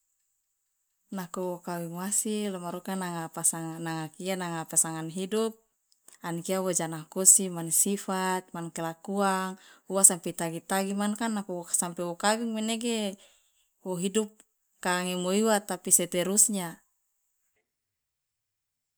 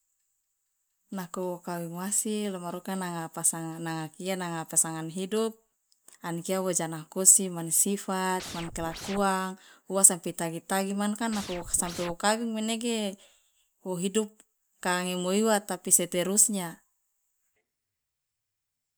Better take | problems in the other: first | background sound (Scratching (performance technique)); 11 dB below the speech

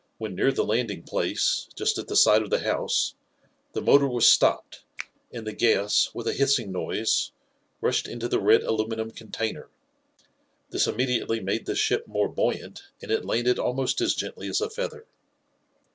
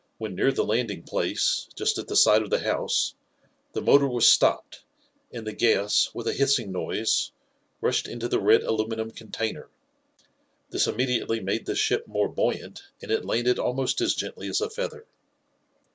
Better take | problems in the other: second | background sound (Finger snapping); 14 dB below the speech

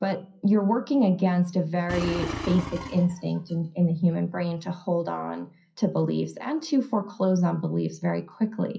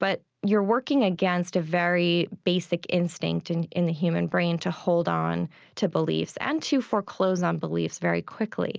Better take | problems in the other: second | noise reduction (classical method WPE with log-MMSE)

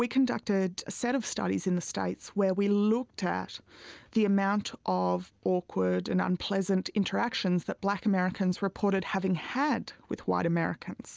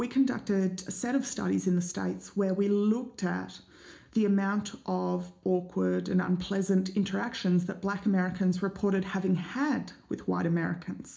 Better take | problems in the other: first | room echo; dies away in 0.4 s

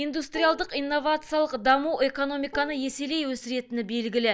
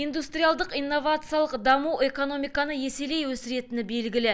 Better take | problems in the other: second | noise reduction (neural mask model DeepFilterNet 3)

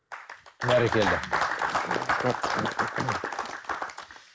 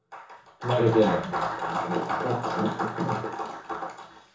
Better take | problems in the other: first | room echo; dies away in 0.7 s

